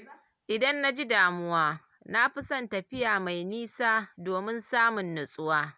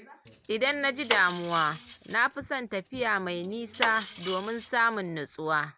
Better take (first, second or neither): first